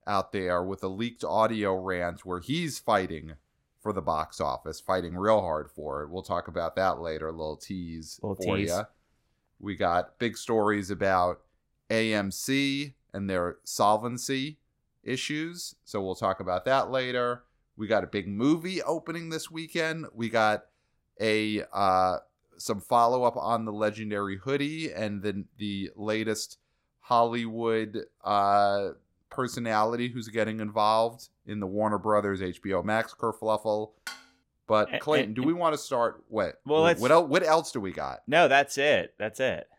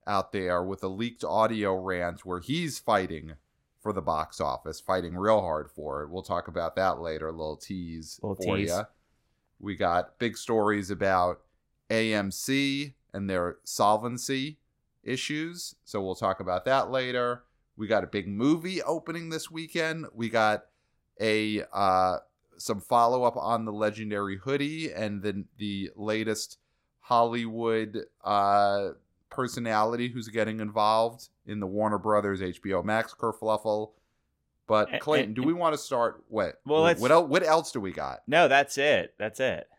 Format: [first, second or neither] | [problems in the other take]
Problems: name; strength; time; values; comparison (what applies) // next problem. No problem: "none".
second | clattering dishes; faint; at 34 s; peak 15 dB below the speech